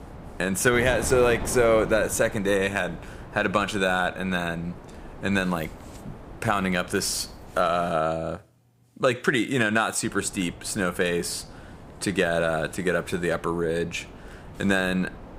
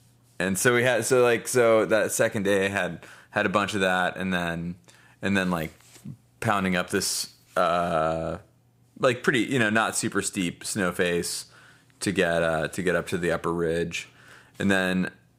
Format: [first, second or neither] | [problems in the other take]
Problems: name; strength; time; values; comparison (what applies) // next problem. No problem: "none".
second | wind noise on the microphone; occasional gusts; until 8 s and from 10 s on; 20 dB below the speech